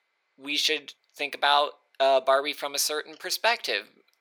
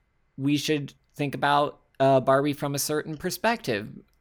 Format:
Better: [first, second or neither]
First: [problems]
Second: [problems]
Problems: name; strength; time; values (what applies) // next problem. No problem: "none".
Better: second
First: thin; very; fading below 500 Hz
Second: none